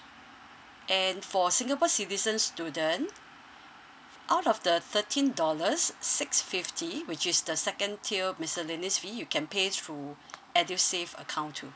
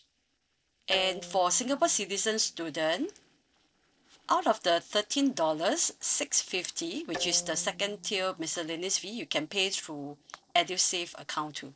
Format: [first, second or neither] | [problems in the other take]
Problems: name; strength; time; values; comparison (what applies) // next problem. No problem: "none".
first | noise reduction (neural separator model SepFormer DNS4)